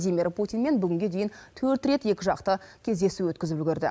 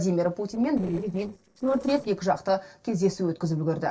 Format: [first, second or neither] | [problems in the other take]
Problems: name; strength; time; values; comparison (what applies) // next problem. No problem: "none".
first | noise reduction (neural separator model SepFormer DNS4)